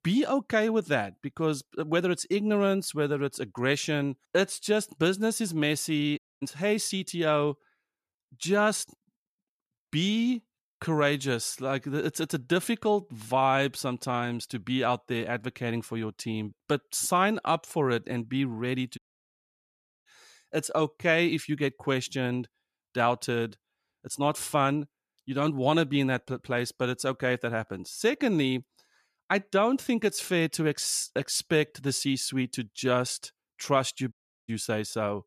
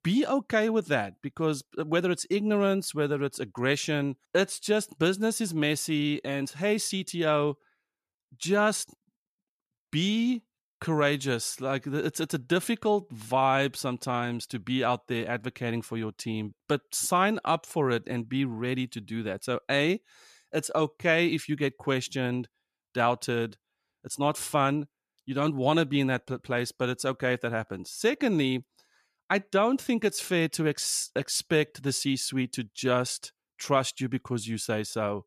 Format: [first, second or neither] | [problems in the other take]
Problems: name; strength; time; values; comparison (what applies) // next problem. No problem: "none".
second | audio cutting out; at 6 s, at 19 s for 1 s and at 34 s